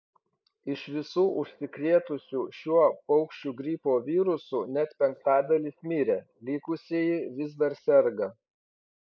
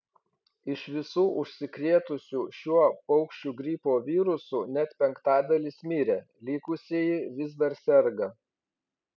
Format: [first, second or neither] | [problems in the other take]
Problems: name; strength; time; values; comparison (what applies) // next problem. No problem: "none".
second | noise reduction (neural mask model Resemble Enhance denoiser)